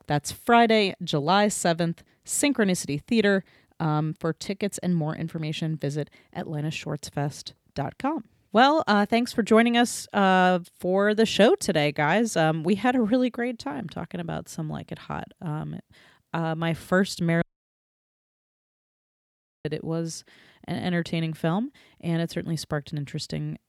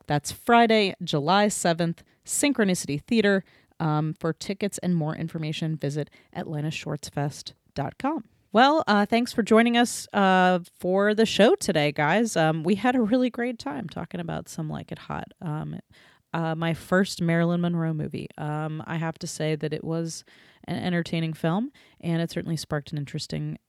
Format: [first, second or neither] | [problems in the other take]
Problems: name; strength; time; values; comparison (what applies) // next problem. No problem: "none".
second | audio cutting out; at 17 s for 2 s